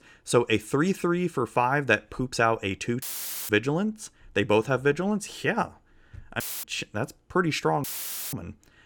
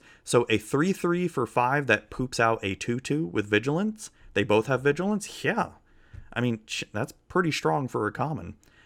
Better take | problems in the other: second | audio cutting out; filled with static; at 3 s, at 6.5 s and at 8 s

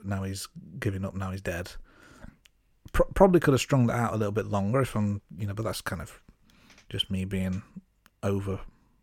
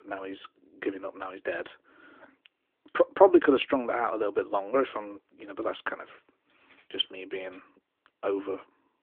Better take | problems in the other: first | phone-call audio; nothing above 3 kHz

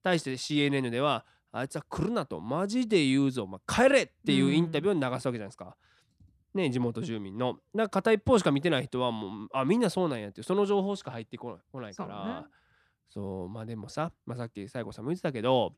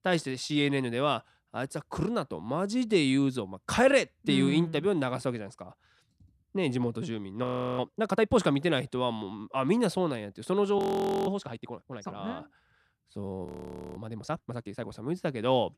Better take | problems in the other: first | audio freezing; at 7.5 s, at 11 s and at 13 s for 0.5 s

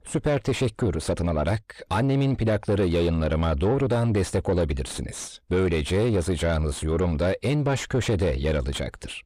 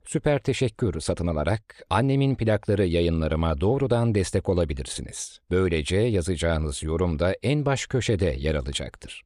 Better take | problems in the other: second | distortion; slight; 9 dB below the speech

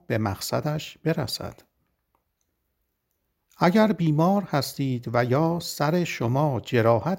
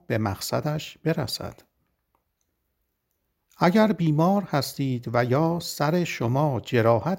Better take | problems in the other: neither | none

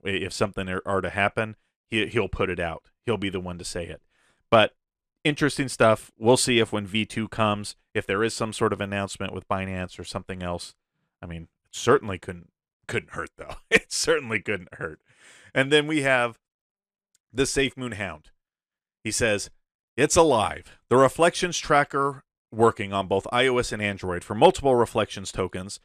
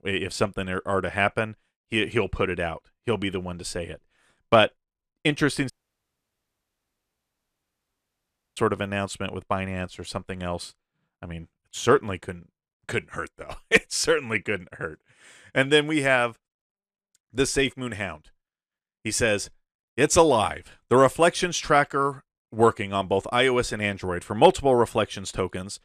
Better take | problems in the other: first | audio cutting out; at 5.5 s for 3 s

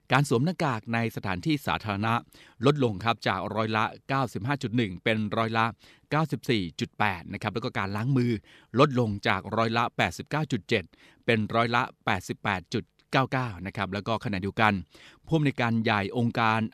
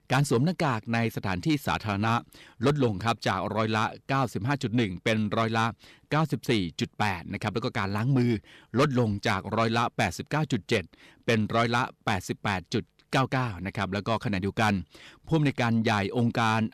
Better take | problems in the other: first | distortion; slight; 10 dB below the speech

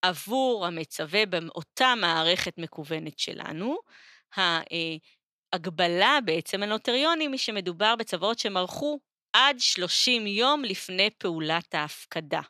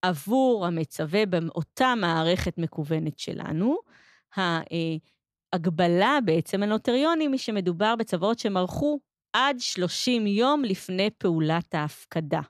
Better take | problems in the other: second | thin; somewhat; fading below 1 kHz

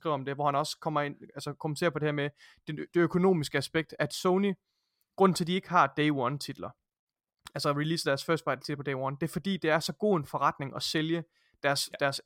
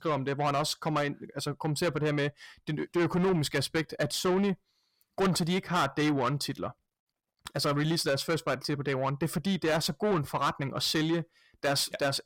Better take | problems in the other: first | distortion; heavy; 7 dB below the speech

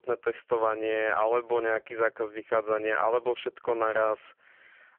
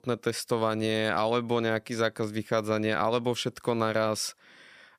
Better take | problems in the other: second | phone-call audio; poor line; nothing above 3 kHz

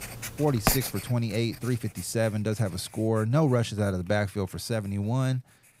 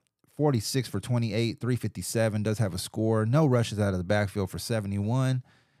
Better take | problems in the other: second | household noises; loud; throughout; 5 dB below the speech

